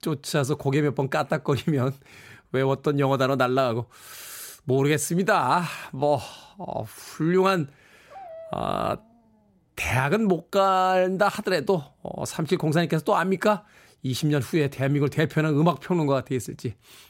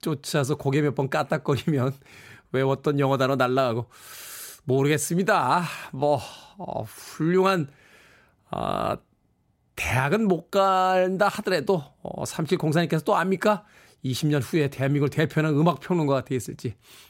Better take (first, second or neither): second